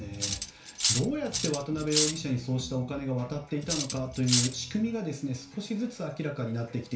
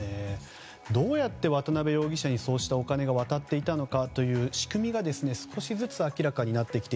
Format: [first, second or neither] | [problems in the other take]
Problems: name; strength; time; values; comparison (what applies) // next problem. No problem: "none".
second | background sound (Cutlery, silverware); as loud as the speech // room echo; dies away in 0.3 s